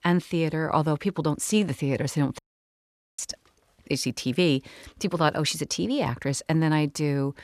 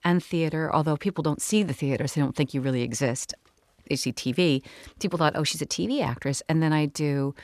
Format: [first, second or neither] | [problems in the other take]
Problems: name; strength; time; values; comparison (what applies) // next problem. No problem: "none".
second | audio cutting out; at 2.5 s for 1 s